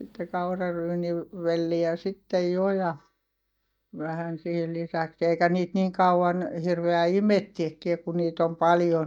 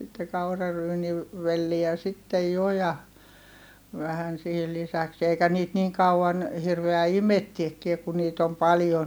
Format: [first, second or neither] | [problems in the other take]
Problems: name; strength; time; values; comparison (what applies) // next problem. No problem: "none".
second | noise reduction (neural mask model DeepFilterNet 3)